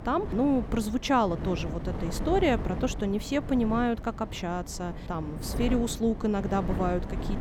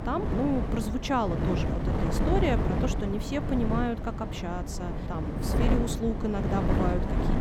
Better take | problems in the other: first | wind noise on the microphone; heavy; 2 dB below the speech; occasional gusts in the first

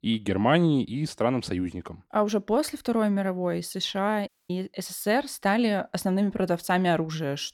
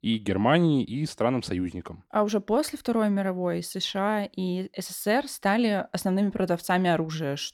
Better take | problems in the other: second | audio cutting out; at 4.5 s

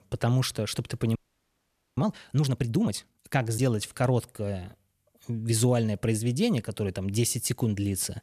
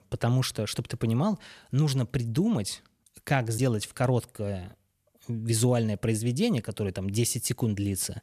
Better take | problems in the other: second | audio freezing; at 1 s for 1 s

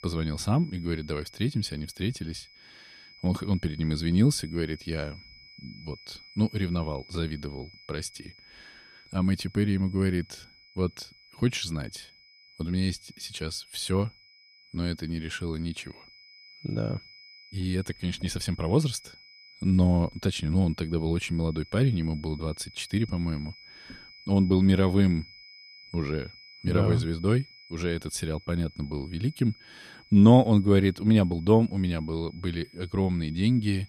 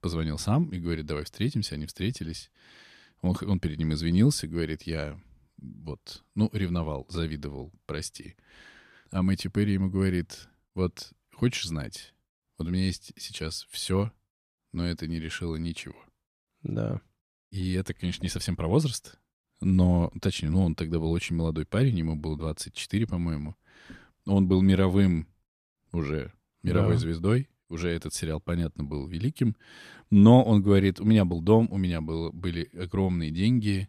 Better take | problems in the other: second | high-pitched whine; faint; throughout; 5 kHz, 25 dB below the speech

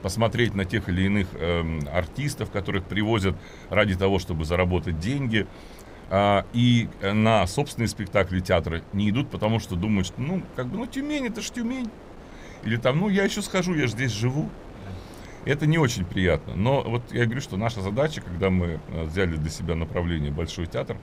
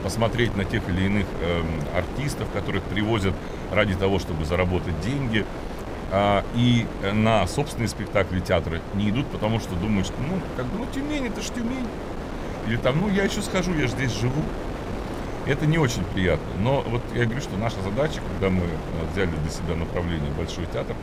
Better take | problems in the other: first | wind noise on the microphone; heavy; 8 dB below the speech; occasional gusts in the first

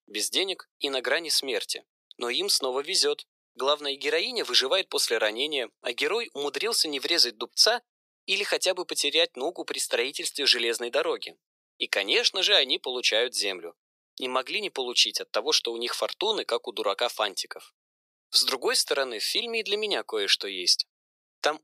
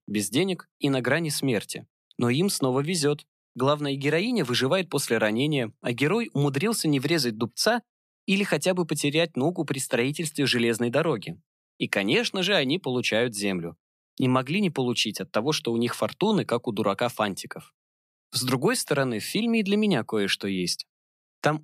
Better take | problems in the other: second | thin; very; fading below 400 Hz

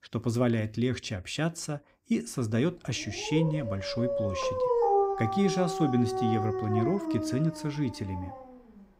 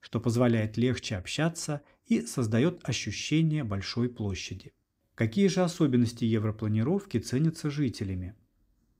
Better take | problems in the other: second | dog barking; loud; from 3 to 8.5 s; peak 6 dB above the speech

